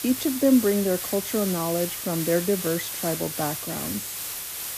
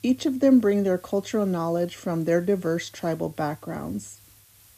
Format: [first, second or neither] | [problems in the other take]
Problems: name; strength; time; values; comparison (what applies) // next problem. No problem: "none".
second | hiss; loud; throughout; 4 dB below the speech; faint in the second